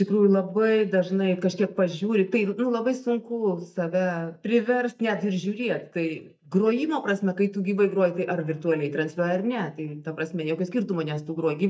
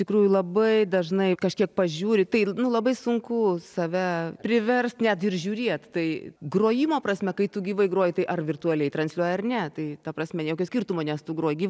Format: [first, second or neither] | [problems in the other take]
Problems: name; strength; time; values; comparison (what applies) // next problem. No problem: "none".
second | noise reduction (neural mask model DeepFilterNet 3)